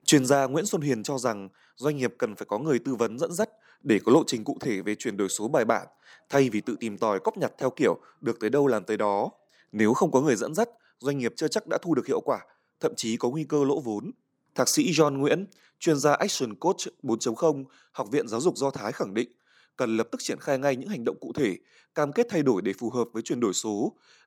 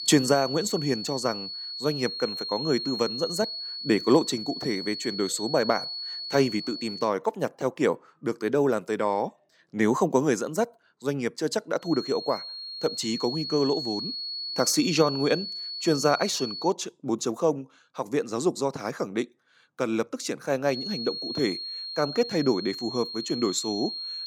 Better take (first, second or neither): first